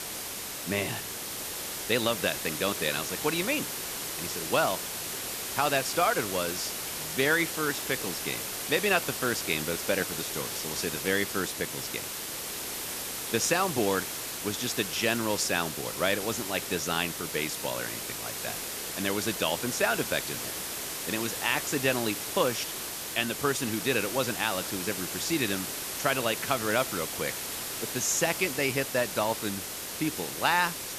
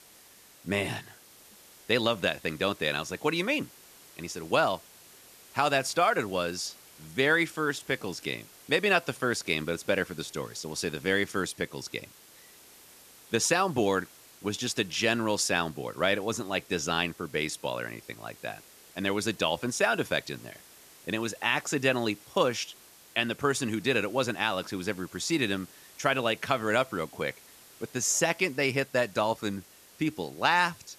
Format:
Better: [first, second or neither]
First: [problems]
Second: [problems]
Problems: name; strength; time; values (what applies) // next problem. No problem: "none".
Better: second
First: hiss; loud; throughout; 3 dB below the speech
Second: hiss; faint; throughout; 20 dB below the speech